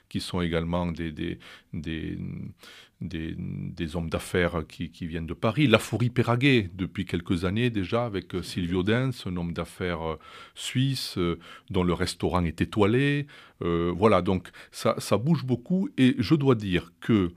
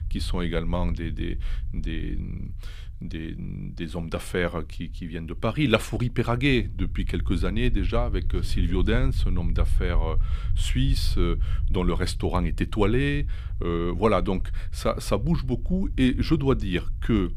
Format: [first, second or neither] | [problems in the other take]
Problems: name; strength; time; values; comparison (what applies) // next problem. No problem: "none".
first | low rumble; faint; throughout; 20 dB below the speech